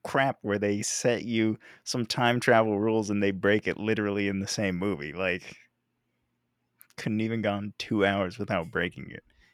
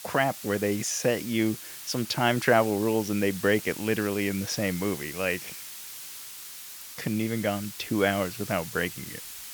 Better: first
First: none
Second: hiss; noticeable; throughout; 10 dB below the speech

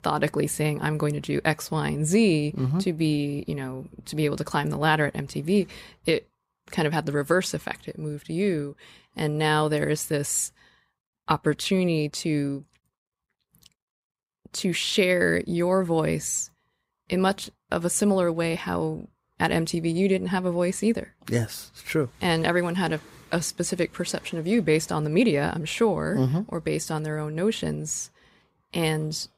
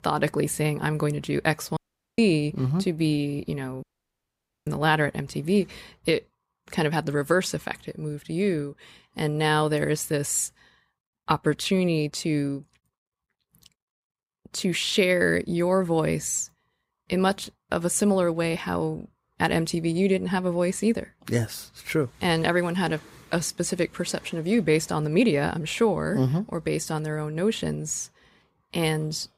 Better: first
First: none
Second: audio cutting out; at 2 s and at 4 s for 1 s

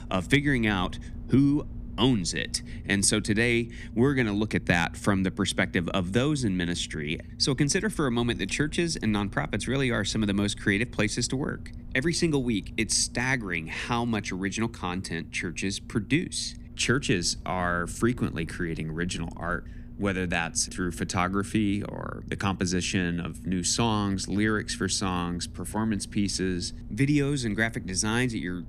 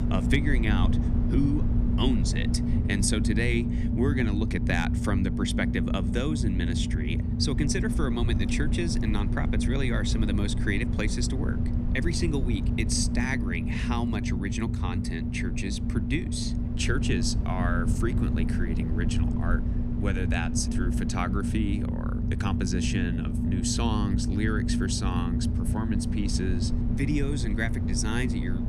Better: first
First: low rumble; faint; throughout; 25 dB below the speech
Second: low rumble; loud; throughout; 4 dB below the speech

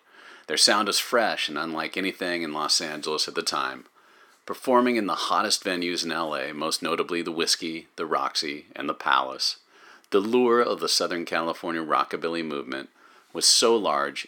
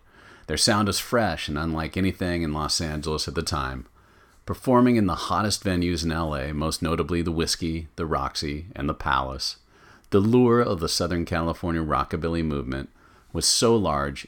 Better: second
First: thin; somewhat; fading below 300 Hz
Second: none

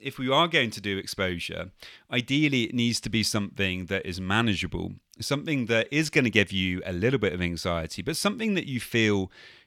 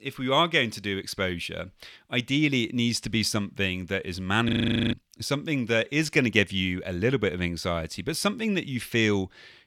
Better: first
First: none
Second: audio freezing; at 4.5 s

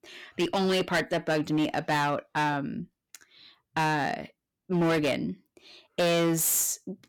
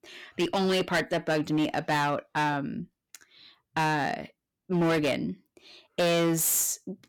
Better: neither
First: distortion; heavy; 12% of the sound clipped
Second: distortion; heavy; 12% of the sound clipped

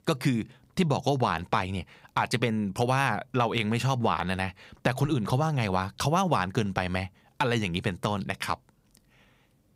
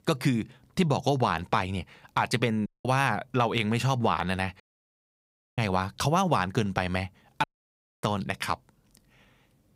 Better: first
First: none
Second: audio cutting out; at 2.5 s, at 4.5 s for 1 s and at 7.5 s for 0.5 s

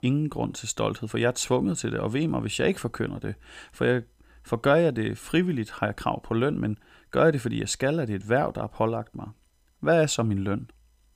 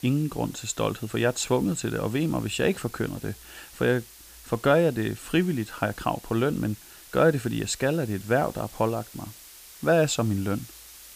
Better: first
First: none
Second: hiss; noticeable; throughout; 20 dB below the speech

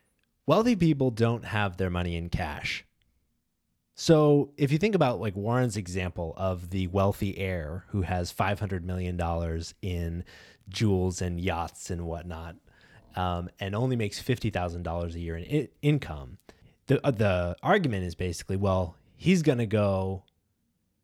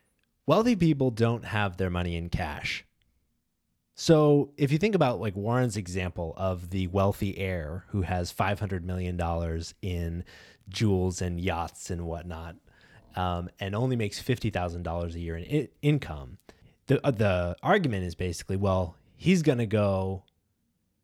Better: neither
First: none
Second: none

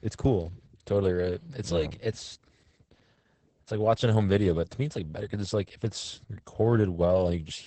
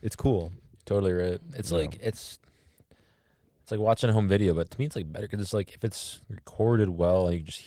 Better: second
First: garbled, watery; badly; nothing above 8 kHz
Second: garbled, watery; slightly

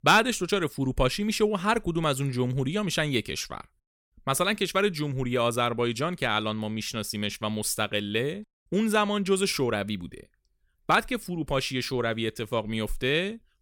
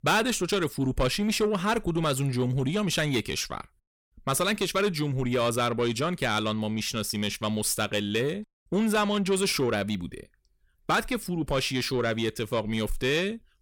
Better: first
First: none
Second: distortion; slight; 10 dB below the speech

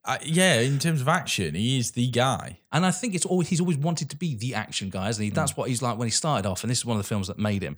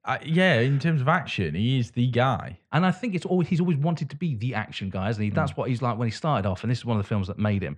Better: first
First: none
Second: muffled; very; fading above 2 kHz

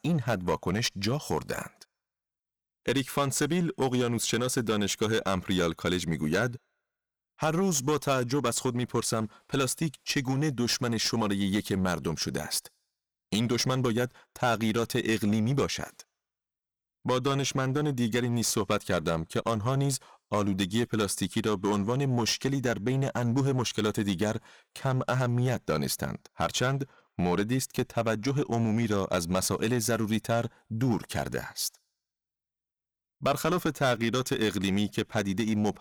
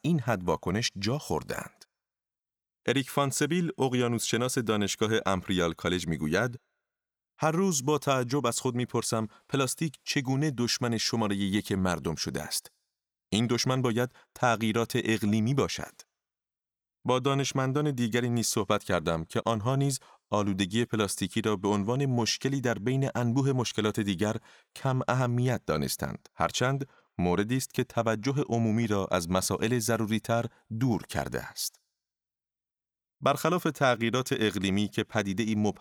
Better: second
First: distortion; slight; 7% of the sound clipped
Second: none

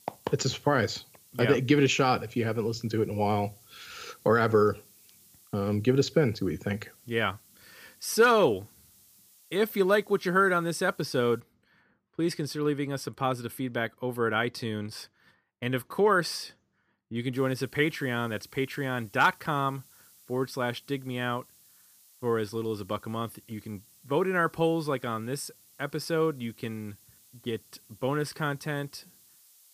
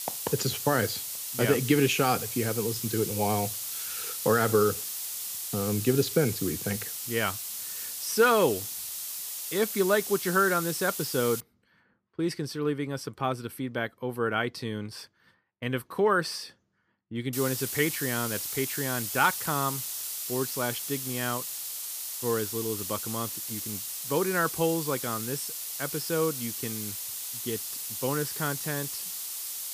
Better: first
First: hiss; faint; until 11 s and from 17 s on; 25 dB below the speech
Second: hiss; loud; until 11 s and from 17 s on; 4 dB below the speech

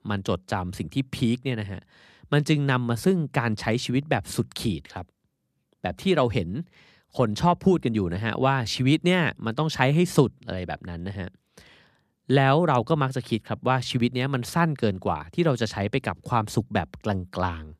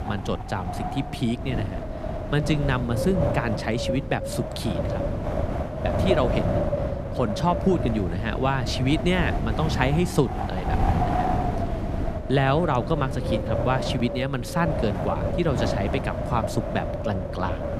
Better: first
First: none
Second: wind noise on the microphone; heavy; 2 dB below the speech

